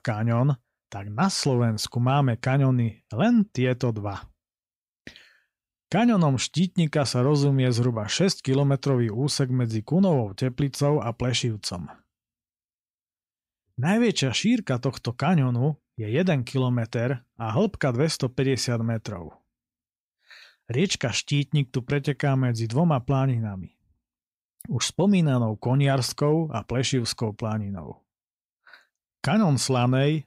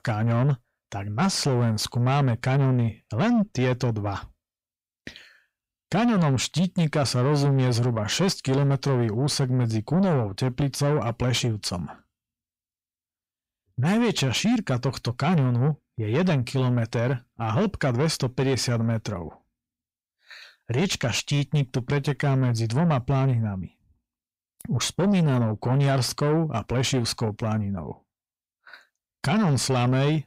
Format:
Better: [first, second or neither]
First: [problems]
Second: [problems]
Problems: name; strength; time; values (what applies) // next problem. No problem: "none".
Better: first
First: none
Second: distortion; slight; 10 dB below the speech